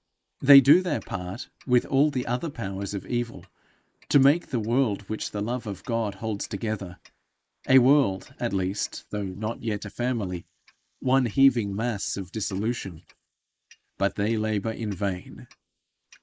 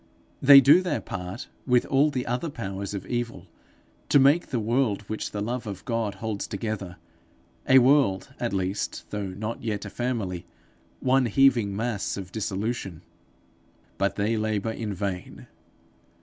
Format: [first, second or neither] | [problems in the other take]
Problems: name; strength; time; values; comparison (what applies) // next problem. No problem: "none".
second | noise reduction (neural mask model Resemble Enhance denoiser)